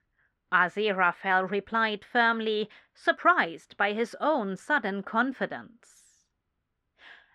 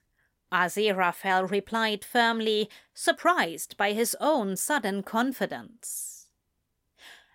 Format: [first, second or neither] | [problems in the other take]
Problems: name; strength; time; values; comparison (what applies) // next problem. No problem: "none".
second | muffled; slightly; fading above 2.5 kHz